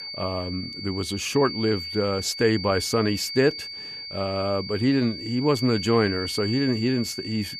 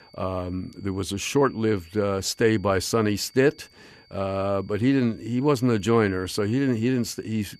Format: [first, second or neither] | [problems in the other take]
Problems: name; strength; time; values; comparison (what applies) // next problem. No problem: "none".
second | high-pitched whine; loud; throughout; 4.5 kHz, 8 dB below the speech; faint in the second